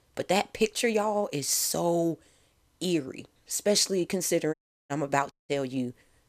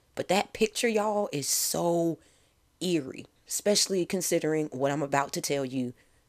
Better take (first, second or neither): second